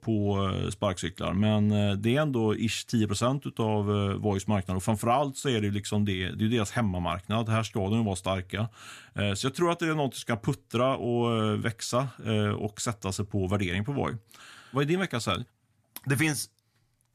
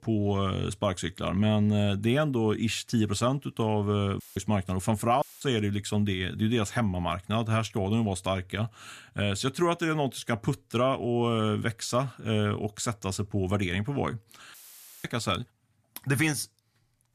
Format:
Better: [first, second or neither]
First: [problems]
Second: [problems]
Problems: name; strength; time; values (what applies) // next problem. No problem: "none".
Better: first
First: none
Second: audio cutting out; filled with static; at 4 s, at 5 s and at 15 s for 0.5 s